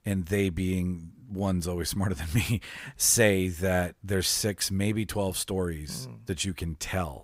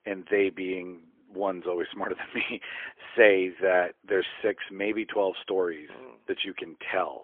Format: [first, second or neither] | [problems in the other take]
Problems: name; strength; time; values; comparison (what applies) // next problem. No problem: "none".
first | phone-call audio; poor line; nothing above 3.5 kHz